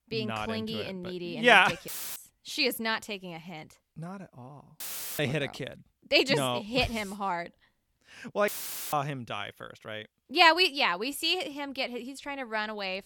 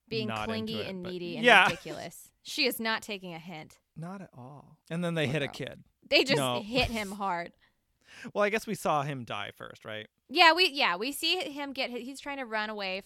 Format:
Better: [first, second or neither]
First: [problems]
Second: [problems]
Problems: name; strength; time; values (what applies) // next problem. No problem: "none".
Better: second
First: audio cutting out; filled with static; at 2 s, at 5 s and at 8.5 s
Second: none